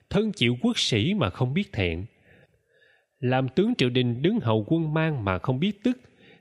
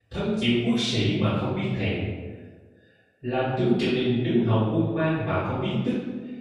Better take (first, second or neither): first